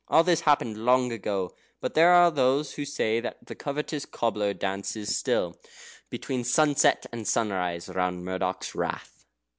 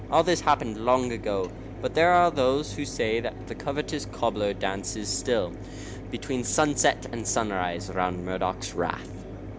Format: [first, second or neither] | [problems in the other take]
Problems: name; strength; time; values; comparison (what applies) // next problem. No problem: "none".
first | background sound (Mechanisms); 11 dB below the speech